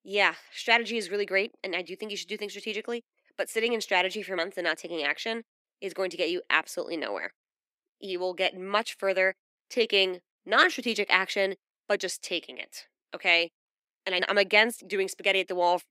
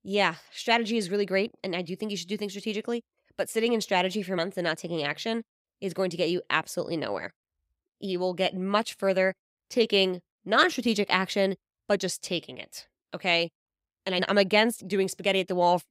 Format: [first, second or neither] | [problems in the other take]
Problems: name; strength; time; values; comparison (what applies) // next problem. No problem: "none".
second | thin; somewhat; fading below 250 Hz